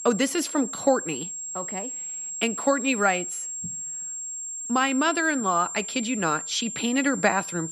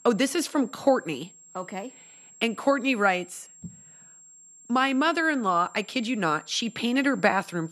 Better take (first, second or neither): second